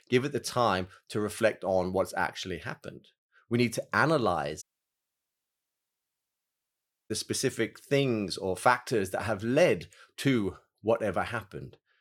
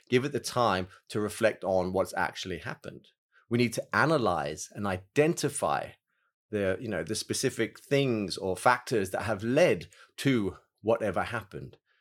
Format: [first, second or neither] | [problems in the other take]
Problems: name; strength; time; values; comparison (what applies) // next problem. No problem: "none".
second | audio cutting out; at 4.5 s for 2.5 s